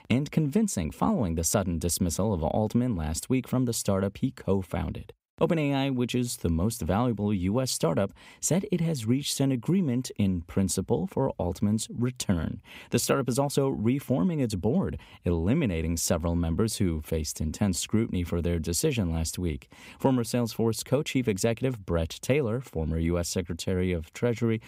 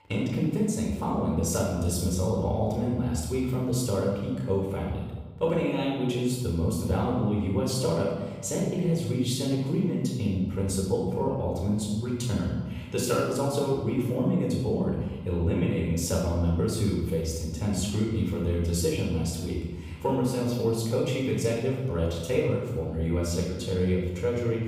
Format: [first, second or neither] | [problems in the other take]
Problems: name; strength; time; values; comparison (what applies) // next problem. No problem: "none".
first | off-mic speech; far // room echo; noticeable; dies away in 1.1 s